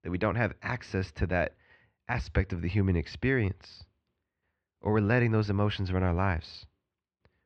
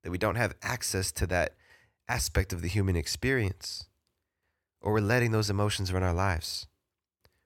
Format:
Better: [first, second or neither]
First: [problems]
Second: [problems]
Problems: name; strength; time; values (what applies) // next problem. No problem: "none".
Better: second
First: muffled; slightly; fading above 3.5 kHz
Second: none